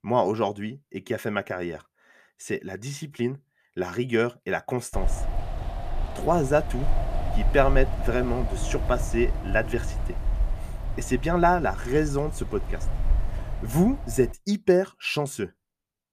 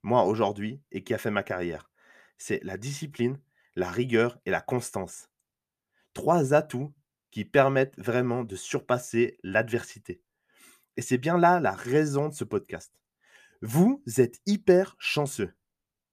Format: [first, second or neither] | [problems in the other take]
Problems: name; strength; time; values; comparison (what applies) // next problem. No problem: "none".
second | wind noise on the microphone; occasional gusts; from 5 to 14 s; 15 dB below the speech